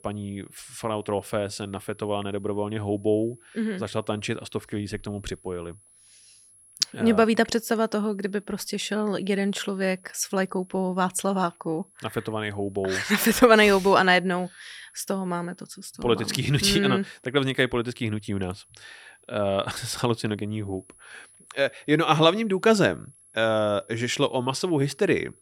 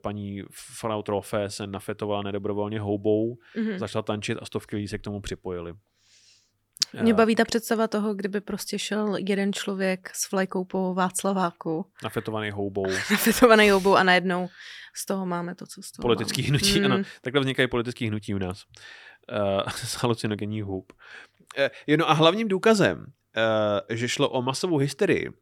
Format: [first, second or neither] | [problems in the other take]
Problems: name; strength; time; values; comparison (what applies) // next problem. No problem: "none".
second | high-pitched whine; faint; throughout; 10.5 kHz, 30 dB below the speech